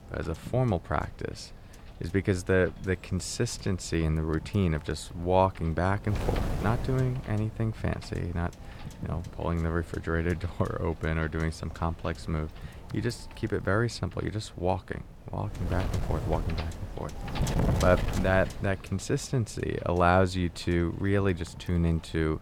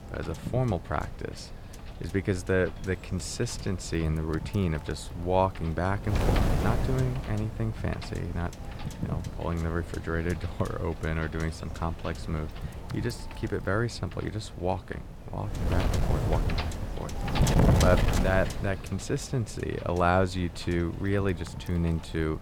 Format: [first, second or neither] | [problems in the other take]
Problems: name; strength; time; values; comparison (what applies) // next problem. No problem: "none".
first | wind noise on the microphone; heavy; 6 dB below the speech; occasional gusts in the first